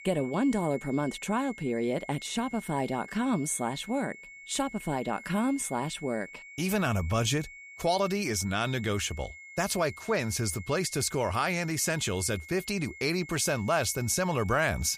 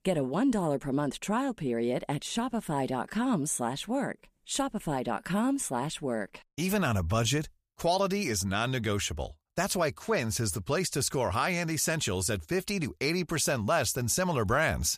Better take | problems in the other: second | high-pitched whine; noticeable; throughout; 2 kHz, 15 dB below the speech

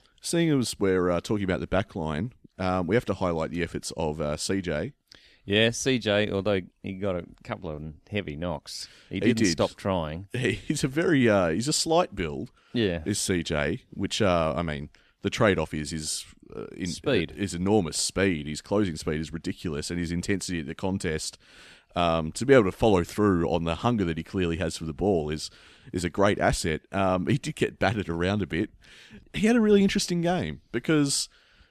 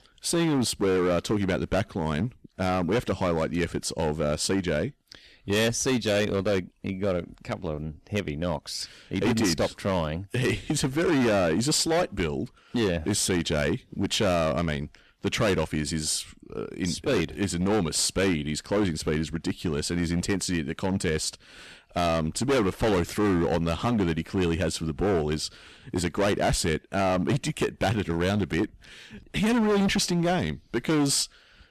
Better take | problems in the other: first | distortion; heavy; 13% of the sound clipped

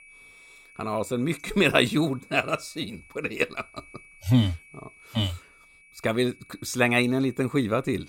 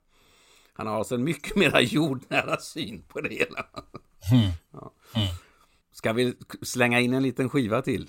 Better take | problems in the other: second | high-pitched whine; faint; throughout; 2.5 kHz, 25 dB below the speech

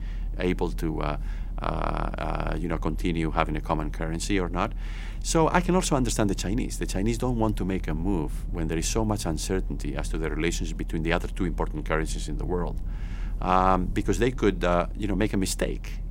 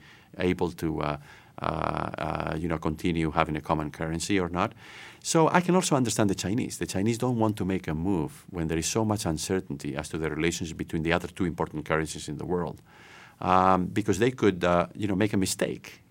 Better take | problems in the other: second | low rumble; faint; throughout; 25 dB below the speech

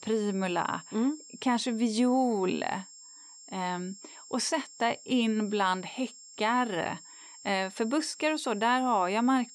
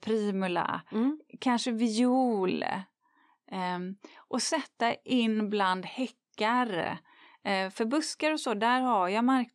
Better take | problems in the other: second | high-pitched whine; noticeable; throughout; 7.5 kHz, 20 dB below the speech

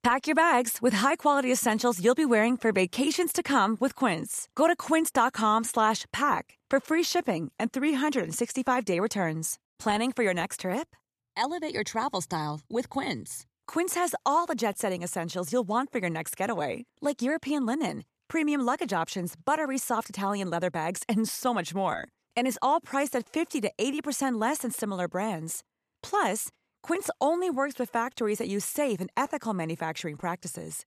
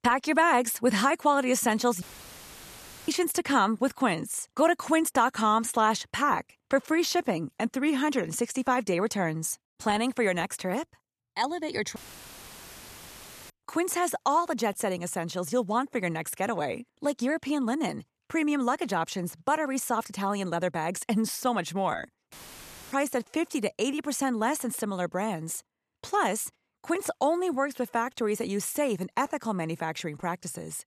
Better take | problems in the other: first | audio cutting out; filled with static; at 2 s for 1 s, at 12 s for 1.5 s and at 22 s for 0.5 s

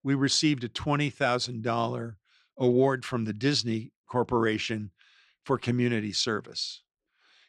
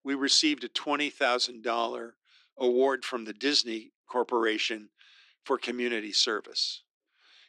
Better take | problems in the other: first | thin; very slightly; fading below 300 Hz

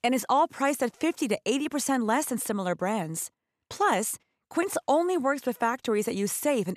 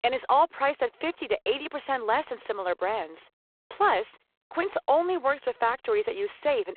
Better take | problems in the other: first | phone-call audio; poor line; nothing above 4 kHz

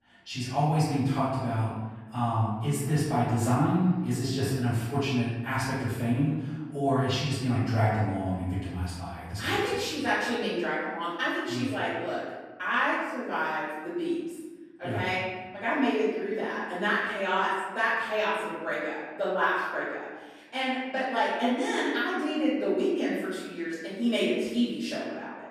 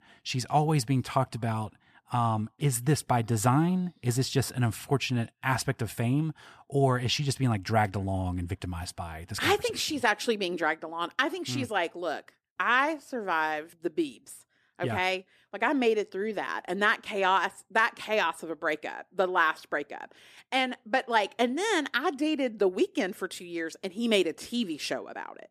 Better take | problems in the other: second | off-mic speech; far // room echo; strong; dies away in 1.2 s

